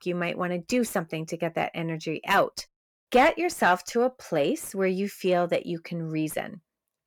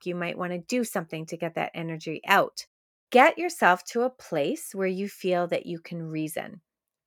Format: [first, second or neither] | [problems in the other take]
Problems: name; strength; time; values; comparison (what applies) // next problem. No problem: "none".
second | distortion; slight; 10 dB below the speech